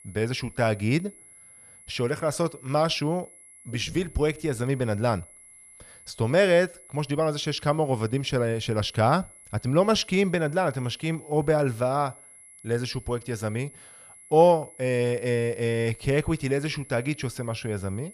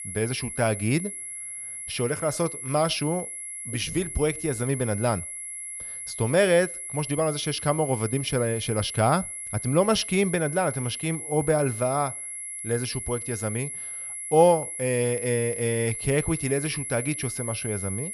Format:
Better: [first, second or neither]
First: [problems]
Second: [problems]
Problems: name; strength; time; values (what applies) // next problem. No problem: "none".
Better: first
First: high-pitched whine; faint; throughout; 11 kHz, 20 dB below the speech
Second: high-pitched whine; loud; throughout; 11 kHz, 7 dB below the speech